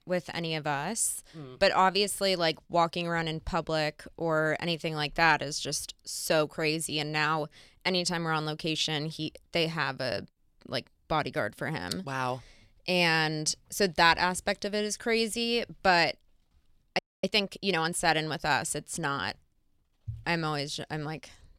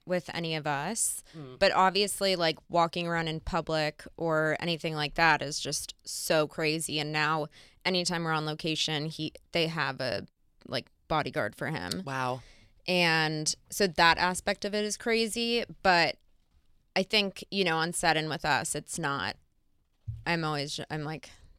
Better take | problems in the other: second | audio freezing; at 17 s

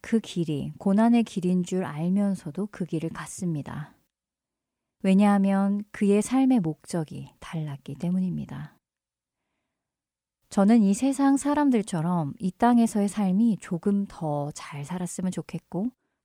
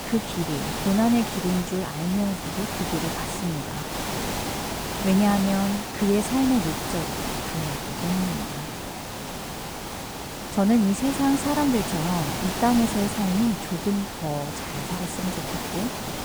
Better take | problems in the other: first | hiss; loud; throughout; 4 dB below the speech

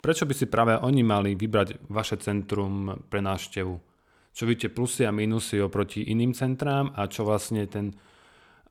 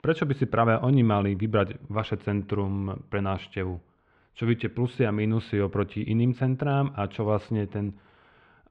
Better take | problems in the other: first | muffled; very; fading above 3 kHz

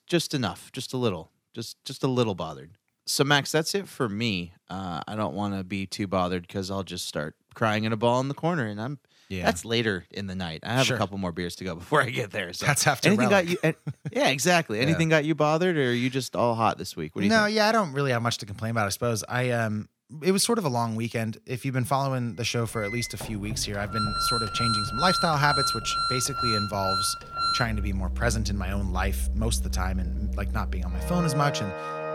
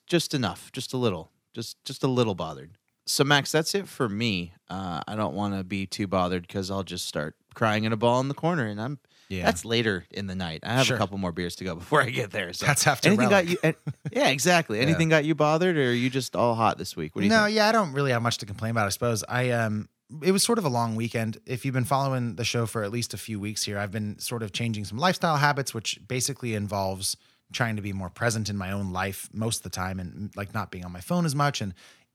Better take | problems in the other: second | background music; loud; from 23 s on; 2 dB below the speech

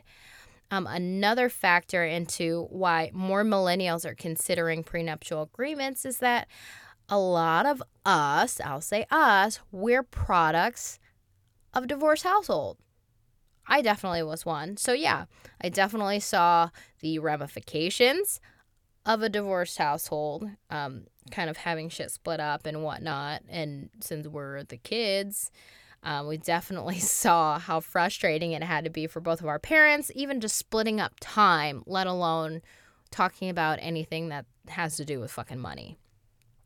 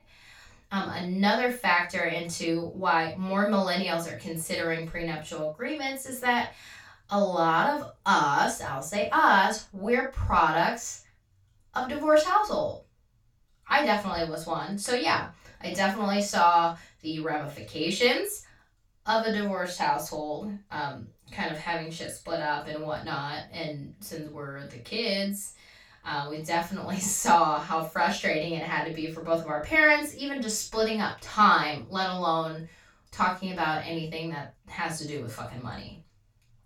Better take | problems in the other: first | room echo; noticeable; dies away in 0.2 s // off-mic speech; far

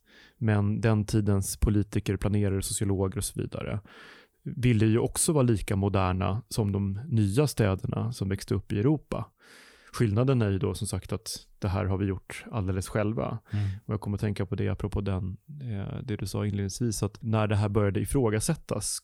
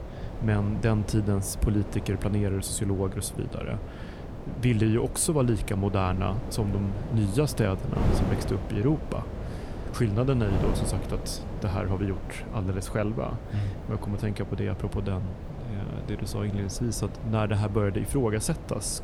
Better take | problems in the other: first | wind noise on the microphone; heavy; 8 dB below the speech

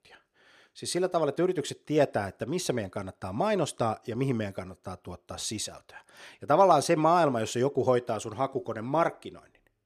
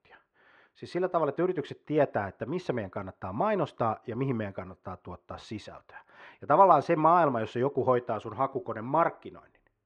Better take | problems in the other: first | muffled; very; fading above 2 kHz

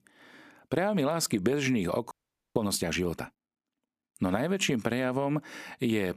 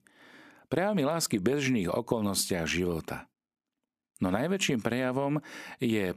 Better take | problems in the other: second | audio freezing; at 2 s

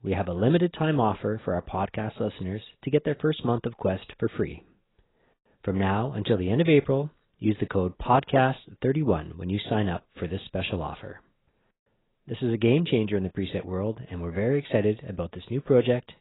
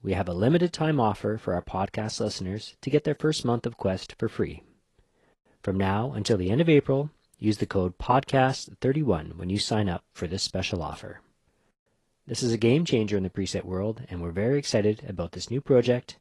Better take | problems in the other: second | garbled, watery; badly; nothing above 4 kHz; slightly in the second

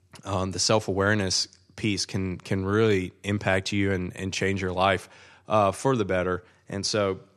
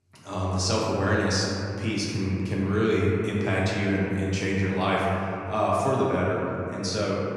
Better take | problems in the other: first | room echo; noticeable; dies away in 3 s // off-mic speech; far

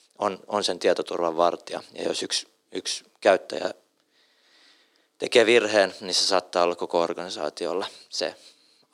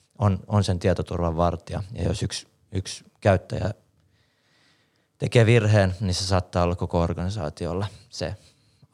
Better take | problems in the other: second | thin; very; fading below 300 Hz

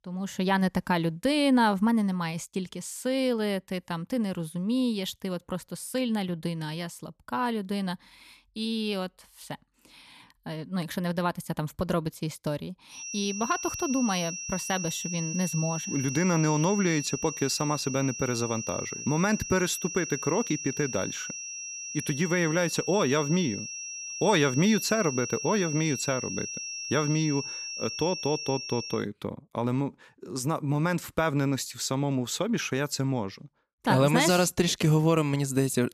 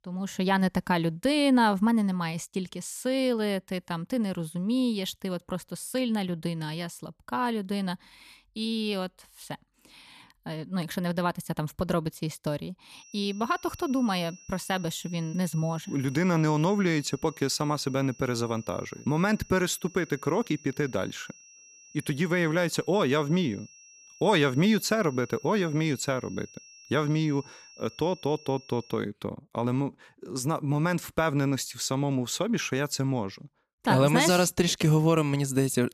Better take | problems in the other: second | high-pitched whine; loud; from 13 to 29 s; 5.5 kHz, 6 dB below the speech; faint in the second

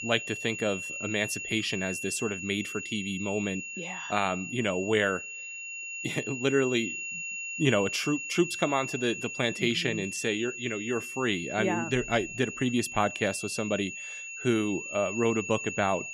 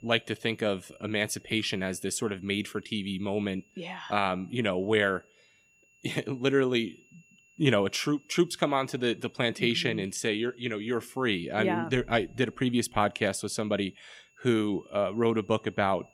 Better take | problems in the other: second | high-pitched whine; loud; throughout; 2.5 kHz, 6 dB below the speech; faint in the second

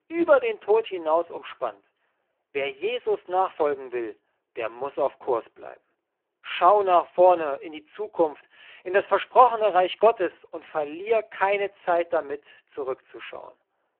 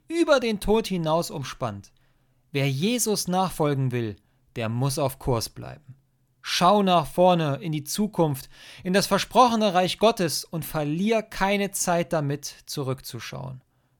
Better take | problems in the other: second | phone-call audio; poor line

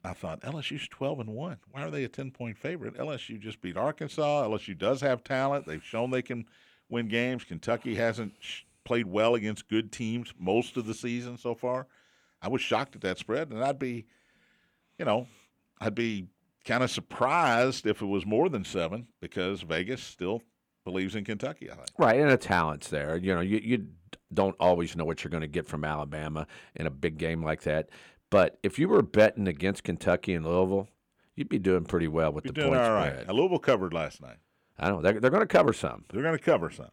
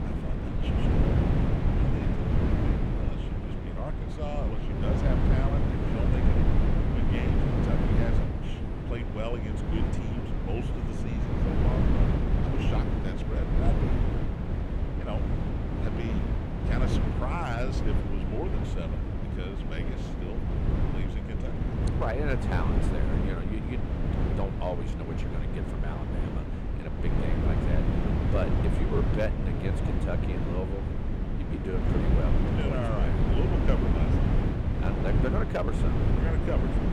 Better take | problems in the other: first | wind noise on the microphone; heavy; 2 dB above the speech

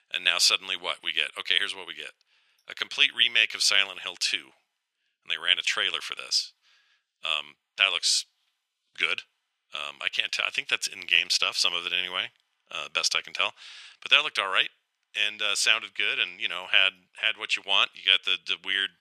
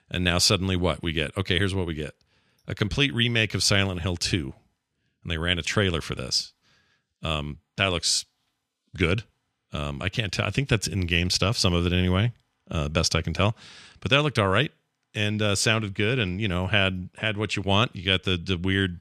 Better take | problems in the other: second | thin; very; fading below 900 Hz

